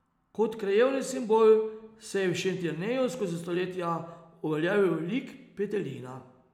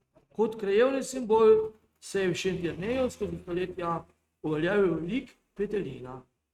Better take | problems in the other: first | noise reduction (neural mask model RNNoise)

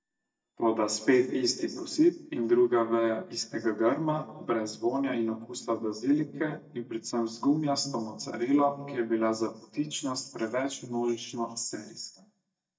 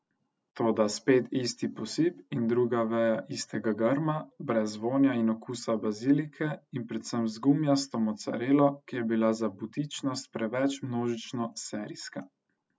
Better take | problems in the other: second | noise reduction (neural mask model DeepFilterNet 3)

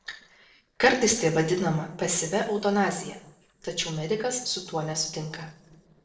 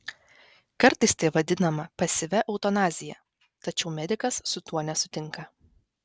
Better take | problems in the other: second | noise reduction (neural separator model SepFormer DNS4)

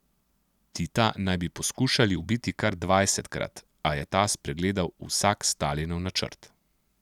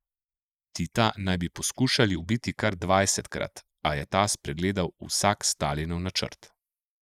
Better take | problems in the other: first | noise reduction (neural mask model Resemble Enhance denoiser)

